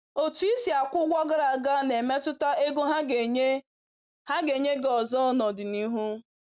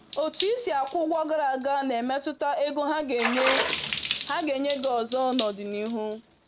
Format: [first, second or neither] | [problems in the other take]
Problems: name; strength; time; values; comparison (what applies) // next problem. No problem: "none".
first | background sound (Water / Splash, splatter); 7 dB below the speech